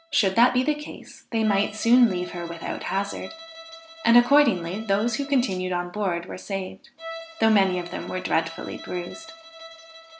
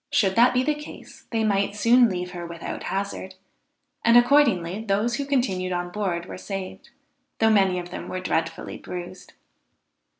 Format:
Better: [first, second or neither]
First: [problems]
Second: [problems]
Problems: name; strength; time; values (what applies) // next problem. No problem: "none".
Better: second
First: background sound (Bowed string instrument); 17 dB below the speech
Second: none